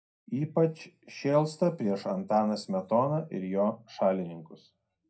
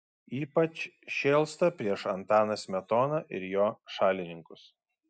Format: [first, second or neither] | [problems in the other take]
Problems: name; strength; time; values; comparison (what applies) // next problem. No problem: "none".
second | room echo; dies away in 0.2 s